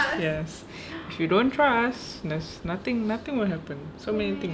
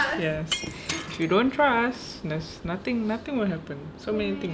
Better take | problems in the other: first | background sound (Shatter); 10 dB below the speech

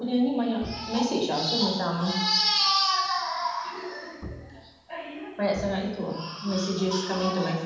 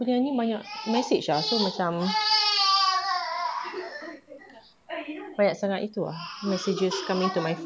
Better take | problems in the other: second | background sound (Bowed string instrument); 18 dB below the speech // room echo; dies away in 1.1 s

